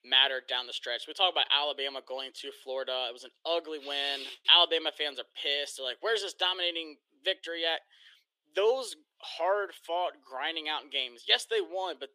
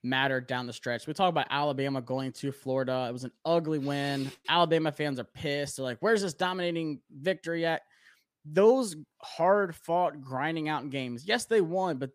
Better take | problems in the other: second | thin; very; fading below 350 Hz

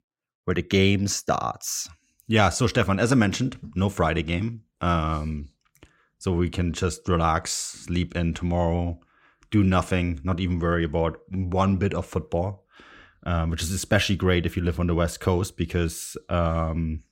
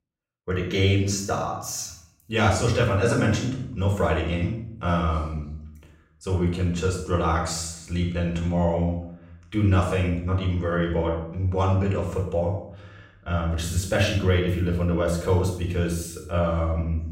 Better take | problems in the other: first | room echo; noticeable; dies away in 0.6 s // off-mic speech; far

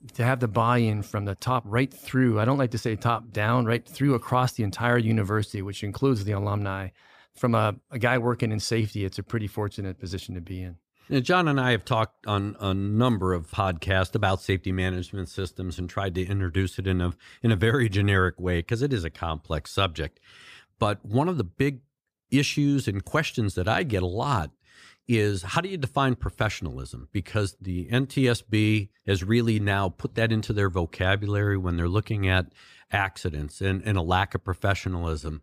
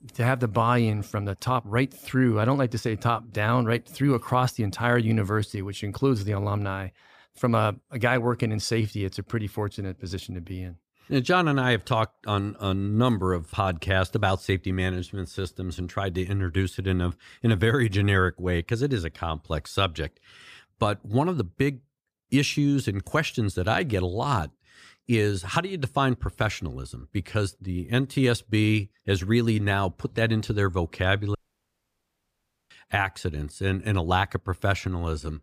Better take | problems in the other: first | audio cutting out; at 31 s for 1.5 s

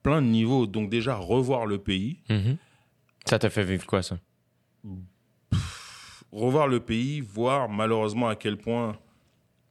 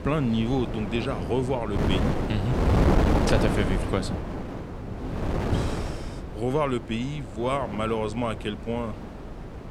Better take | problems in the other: first | wind noise on the microphone; heavy; 2 dB below the speech

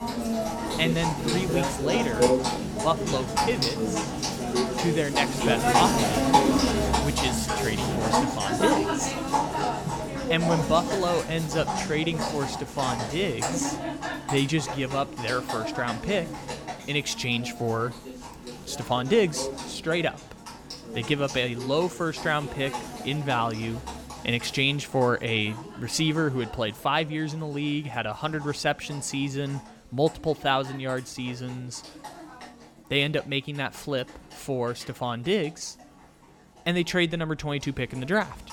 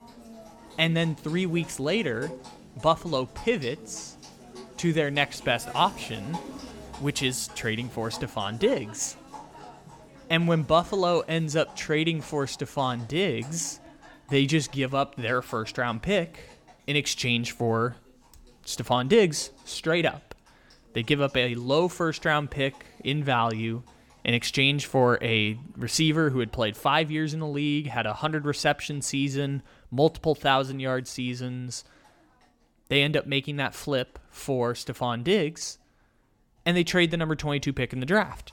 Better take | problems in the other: second | animal sounds; loud; throughout; as loud as the speech; faint in the second

